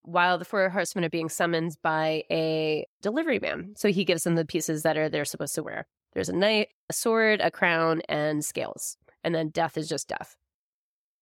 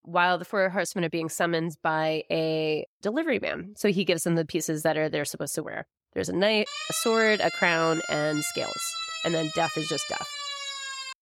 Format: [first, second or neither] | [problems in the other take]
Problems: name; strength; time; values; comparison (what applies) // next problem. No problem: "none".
first | siren; noticeable; from 6.5 s on; peak 4 dB below the speech